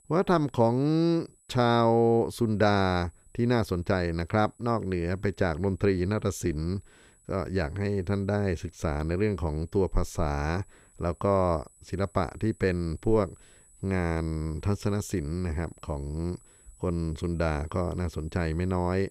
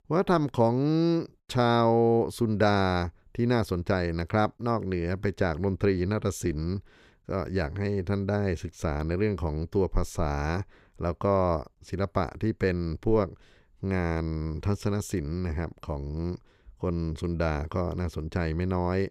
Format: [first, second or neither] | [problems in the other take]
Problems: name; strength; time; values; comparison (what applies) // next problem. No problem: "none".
second | high-pitched whine; faint; throughout; 8 kHz, 30 dB below the speech